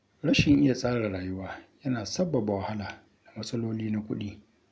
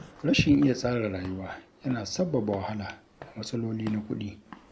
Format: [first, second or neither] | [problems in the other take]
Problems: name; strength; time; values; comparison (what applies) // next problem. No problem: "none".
first | background sound (Walk, footsteps / Siren); 20 dB below the speech